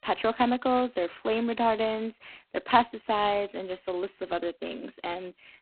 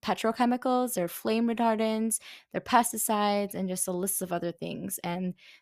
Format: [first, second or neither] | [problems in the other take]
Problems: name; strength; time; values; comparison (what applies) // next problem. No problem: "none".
second | phone-call audio; poor line; nothing above 4 kHz